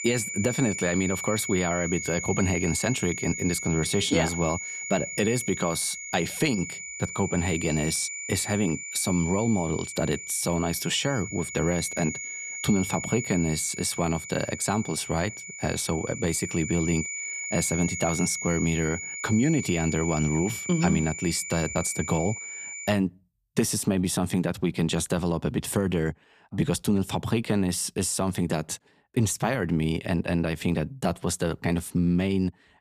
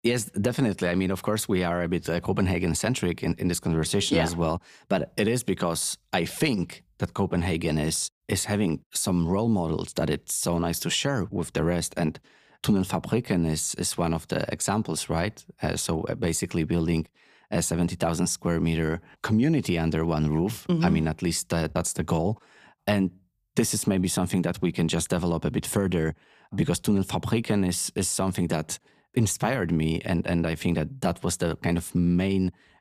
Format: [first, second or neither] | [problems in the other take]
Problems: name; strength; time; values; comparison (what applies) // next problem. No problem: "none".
second | high-pitched whine; loud; until 23 s; 2.5 kHz, 6 dB below the speech